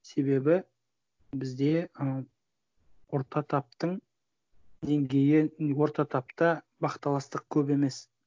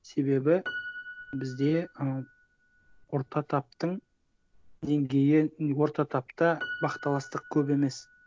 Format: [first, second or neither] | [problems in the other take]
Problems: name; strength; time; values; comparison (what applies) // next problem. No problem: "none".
first | background sound (Piano); 16 dB below the speech